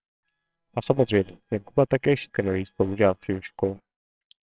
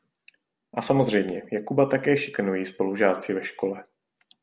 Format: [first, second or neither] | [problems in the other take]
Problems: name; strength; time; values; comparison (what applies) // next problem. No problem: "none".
second | noise reduction (neural separator model SepFormer WHAMR!)